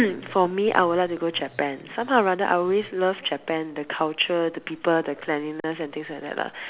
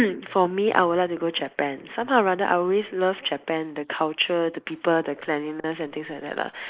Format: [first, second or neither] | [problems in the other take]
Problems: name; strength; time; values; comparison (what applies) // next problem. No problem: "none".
first | noise reduction (neural mask model Resemble Enhance denoiser)